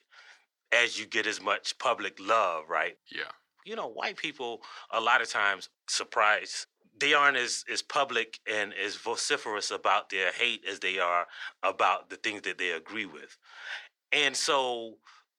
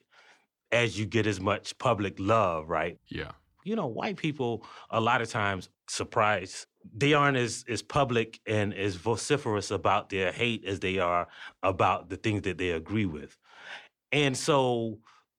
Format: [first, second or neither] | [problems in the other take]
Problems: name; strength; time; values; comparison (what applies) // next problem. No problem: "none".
second | thin; very; fading below 500 Hz